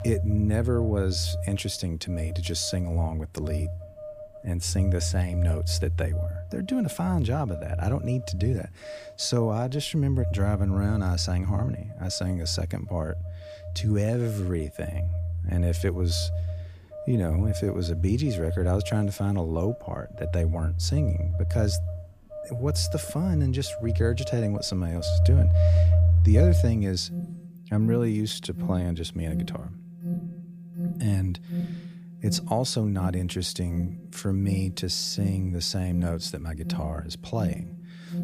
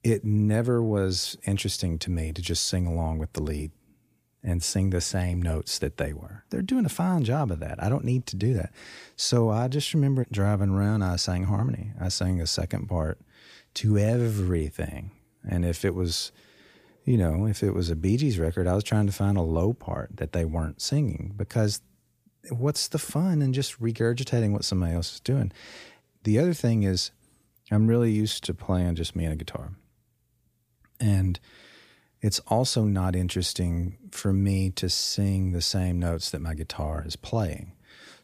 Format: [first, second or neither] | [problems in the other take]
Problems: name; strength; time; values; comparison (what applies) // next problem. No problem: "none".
second | alarms or sirens; loud; throughout; 1 dB below the speech